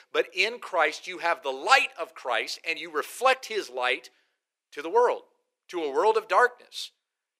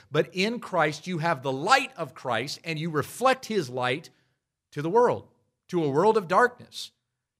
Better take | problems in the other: second | thin; very; fading below 400 Hz

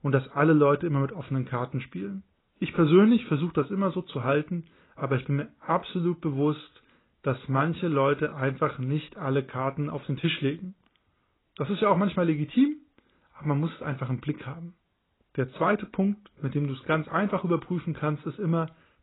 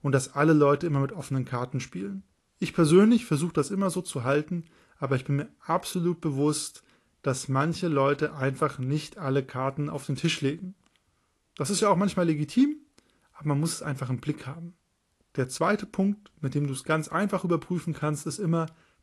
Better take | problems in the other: second | garbled, watery; badly; nothing above 4 kHz; slightly in the second

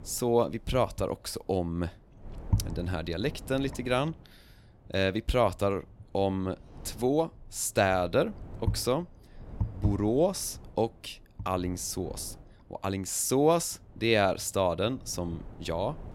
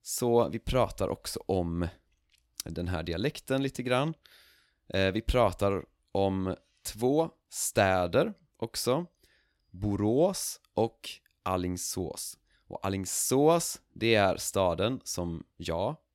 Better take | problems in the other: second | wind noise on the microphone; occasional gusts; 20 dB below the speech

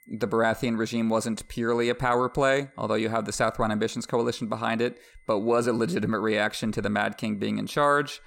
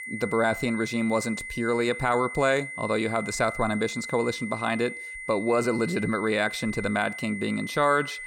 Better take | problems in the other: first | high-pitched whine; loud; throughout; 2 kHz, 9 dB below the speech; faint in the first

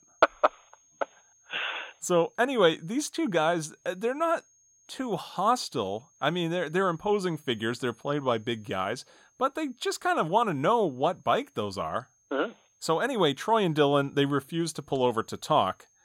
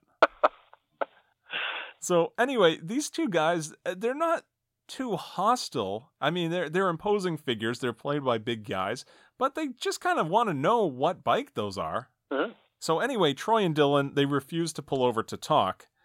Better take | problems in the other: second | high-pitched whine; faint; throughout; 6.5 kHz, 35 dB below the speech

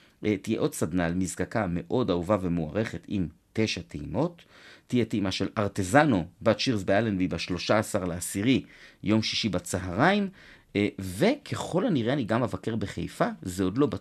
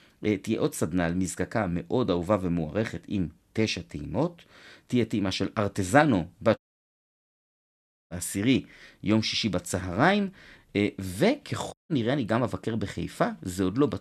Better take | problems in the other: first | audio cutting out; at 6.5 s for 1.5 s and at 12 s

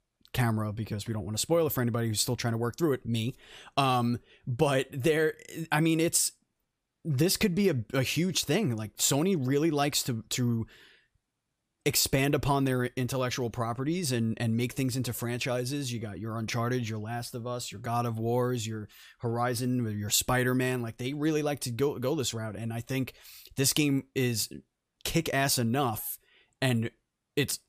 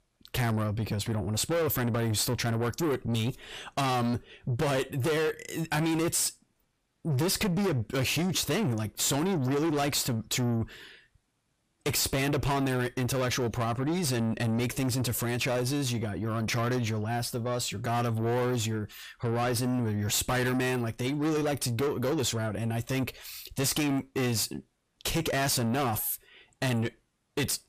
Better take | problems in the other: first | distortion; heavy; 7 dB below the speech

